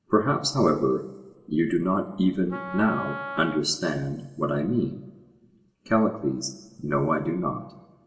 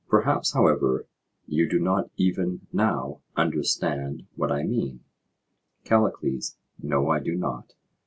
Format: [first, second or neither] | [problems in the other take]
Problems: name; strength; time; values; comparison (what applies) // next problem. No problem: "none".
second | background sound (Wind instrument, woodwind instrument); 11 dB below the speech // room echo; dies away in 1.1 s